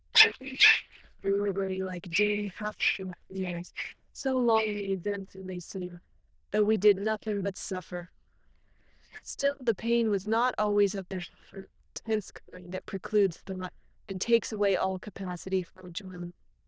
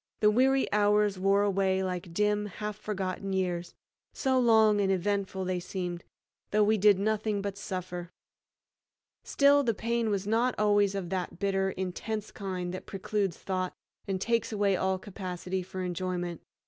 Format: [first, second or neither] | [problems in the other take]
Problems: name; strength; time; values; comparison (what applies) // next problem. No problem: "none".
second | noise reduction (neural diffusion model UNIVERSE++)